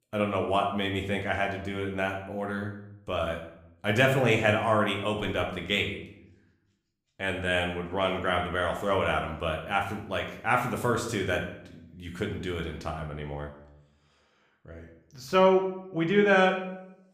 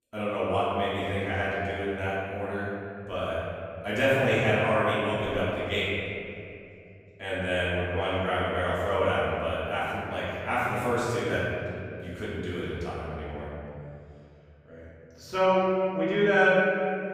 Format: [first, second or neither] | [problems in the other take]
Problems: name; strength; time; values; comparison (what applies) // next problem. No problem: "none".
first | room echo; strong; dies away in 2.5 s; slight in the first // off-mic speech; far; somewhat distant in the first